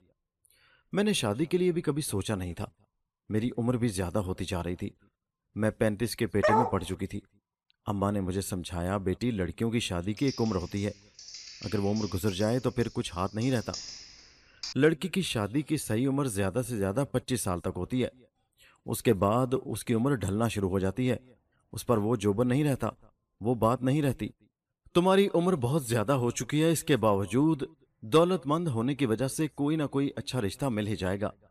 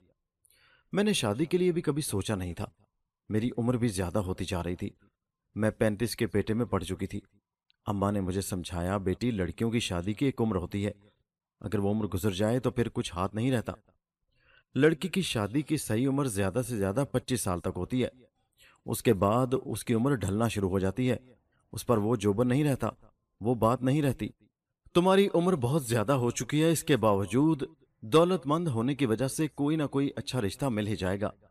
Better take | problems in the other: second | dog barking; loud; at 6.5 s; peak 3 dB above the speech // keyboard typing; noticeable; from 10 to 15 s; peak 9 dB below the speech

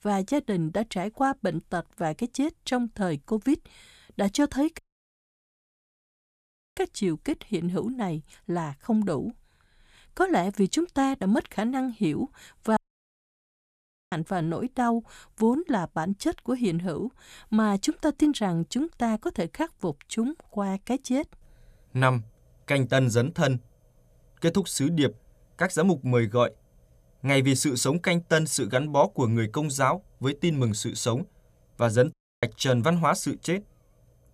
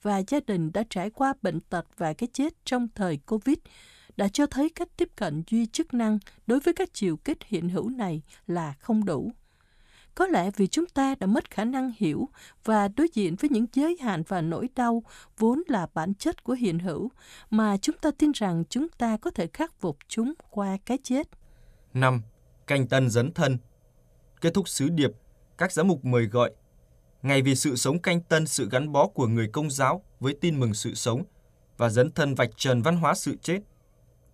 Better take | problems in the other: second | audio cutting out; at 5 s for 2 s, at 13 s for 1.5 s and at 32 s

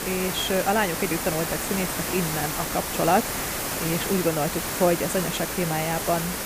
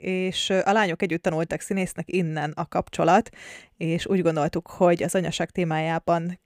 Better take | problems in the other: second | hiss; loud; throughout; 1 dB below the speech

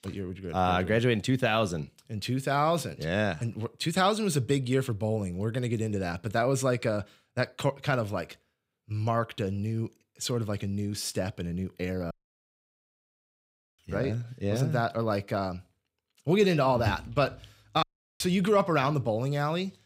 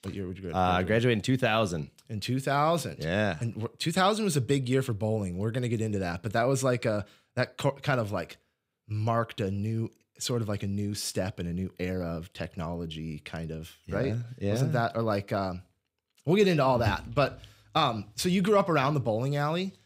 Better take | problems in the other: second | audio cutting out; at 12 s for 1.5 s and at 18 s

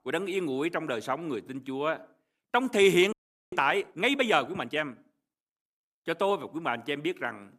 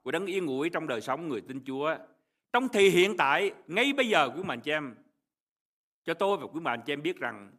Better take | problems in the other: second | audio freezing; at 3 s

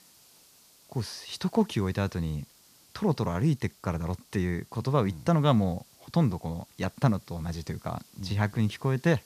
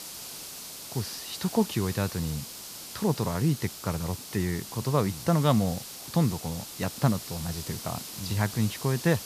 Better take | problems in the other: first | hiss; loud; throughout; 9 dB below the speech; faint in the first

